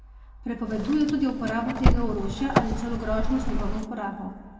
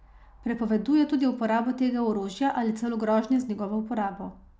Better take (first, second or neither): second